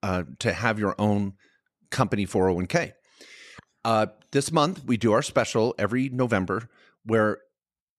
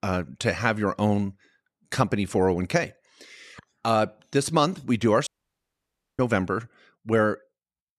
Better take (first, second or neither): first